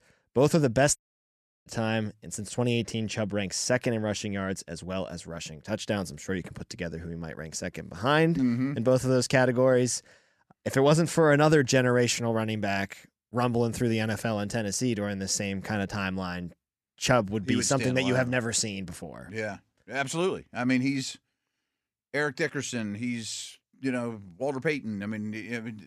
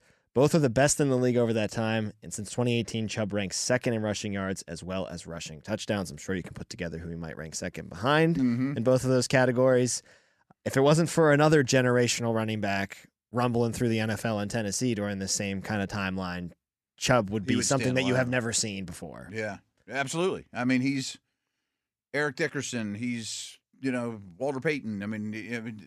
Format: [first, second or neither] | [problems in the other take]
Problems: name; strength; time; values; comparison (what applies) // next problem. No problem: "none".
second | audio cutting out; at 1 s for 0.5 s